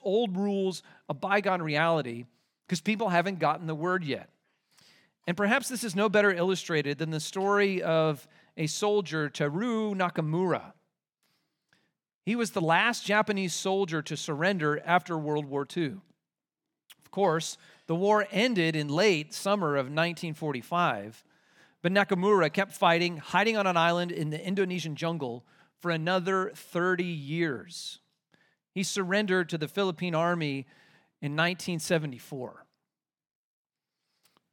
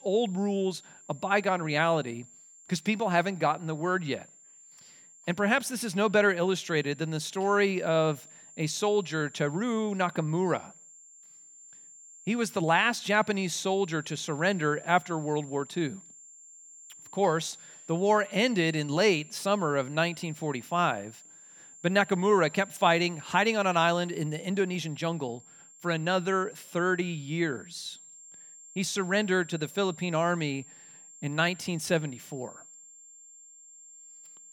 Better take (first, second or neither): first